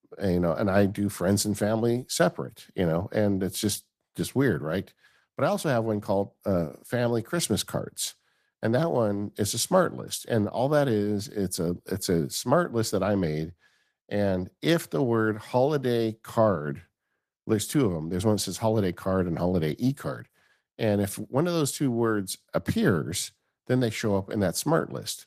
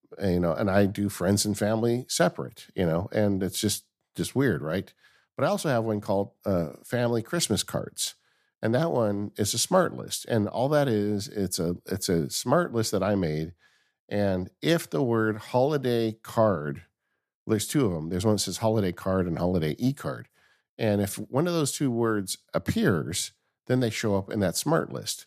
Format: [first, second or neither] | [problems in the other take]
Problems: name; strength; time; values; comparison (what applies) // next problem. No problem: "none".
second | garbled, watery; slightly; nothing above 14.5 kHz